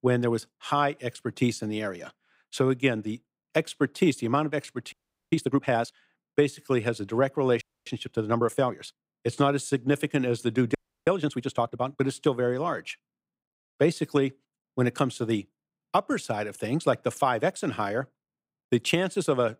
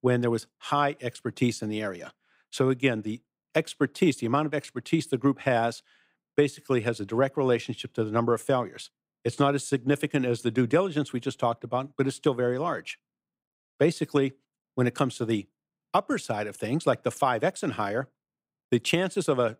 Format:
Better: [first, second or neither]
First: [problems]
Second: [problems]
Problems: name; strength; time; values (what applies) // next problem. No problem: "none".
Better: second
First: audio freezing; at 5 s, at 7.5 s and at 11 s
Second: none